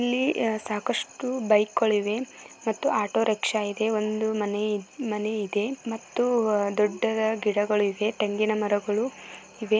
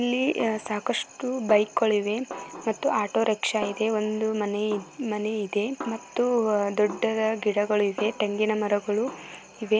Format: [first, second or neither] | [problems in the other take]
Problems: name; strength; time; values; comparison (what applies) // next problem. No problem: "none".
first | background sound (Snare drum); 18 dB below the speech